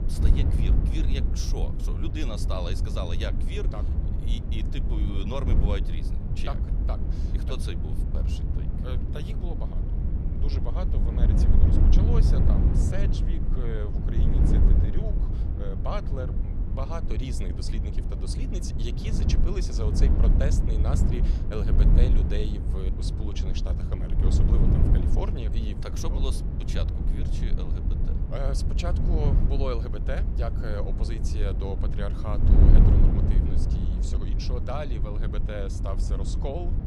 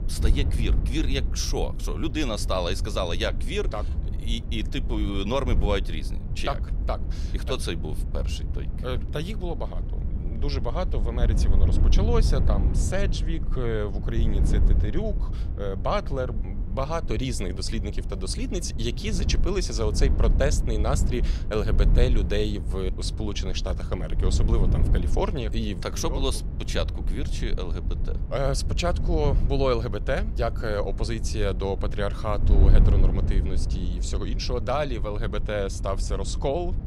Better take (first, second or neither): second